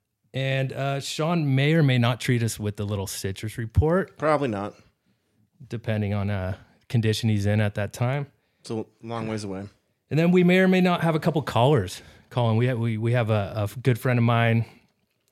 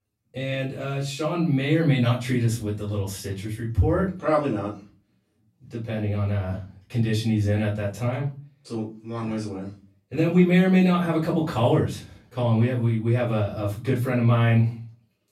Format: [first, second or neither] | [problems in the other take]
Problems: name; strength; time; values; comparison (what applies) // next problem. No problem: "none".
first | room echo; slight; dies away in 0.3 s // off-mic speech; far